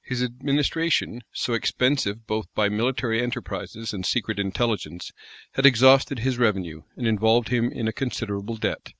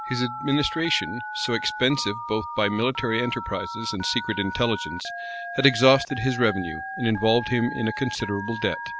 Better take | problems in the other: first | background sound (Telephone); 9 dB below the speech

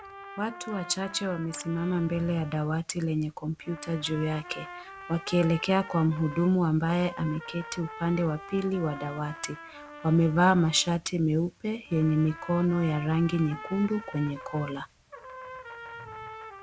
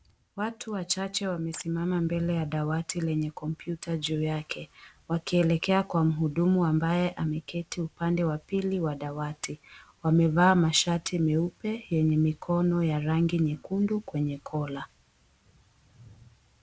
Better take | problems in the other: second | background sound (Trumpet); 16 dB below the speech

